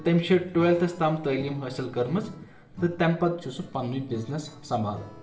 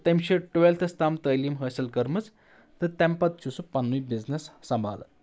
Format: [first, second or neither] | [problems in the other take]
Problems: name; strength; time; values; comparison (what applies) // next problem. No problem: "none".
second | background sound (Acoustic guitar / Strum); 20 dB below the speech // room echo; dies away in 0.8 s